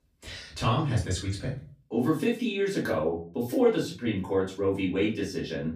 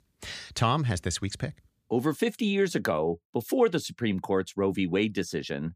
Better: second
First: off-mic speech; far // room echo; slight; dies away in 0.3 s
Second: none

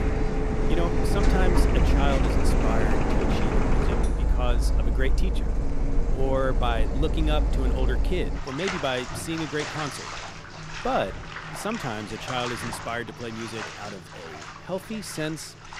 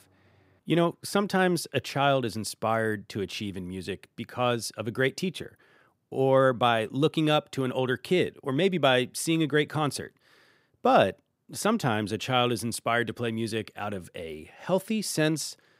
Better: second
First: household noises; very loud; throughout; 4 dB above the speech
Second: none

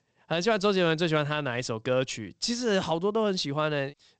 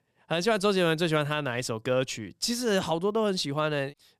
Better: second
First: garbled, watery; slightly; nothing above 8 kHz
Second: none

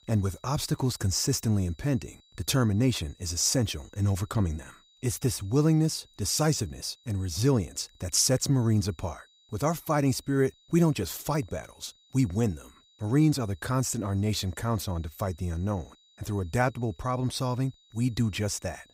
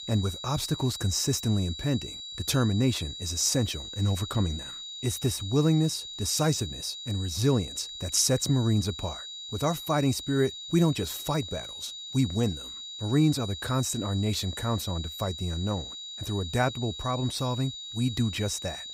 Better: first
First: high-pitched whine; faint; throughout; 4 kHz, 30 dB below the speech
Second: high-pitched whine; loud; throughout; 4 kHz, 9 dB below the speech

